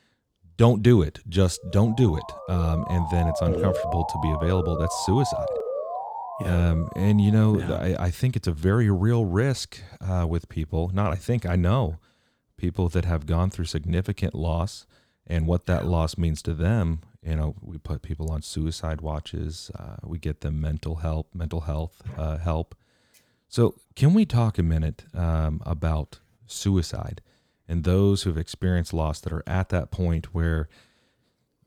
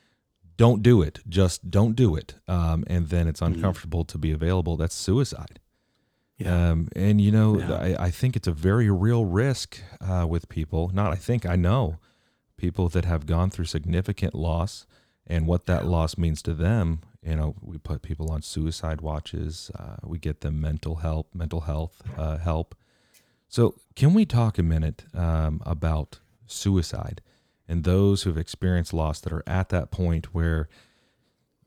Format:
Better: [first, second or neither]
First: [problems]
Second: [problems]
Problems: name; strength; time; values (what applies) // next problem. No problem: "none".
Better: second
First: siren; noticeable; from 1.5 to 7.5 s; peak 2 dB below the speech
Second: none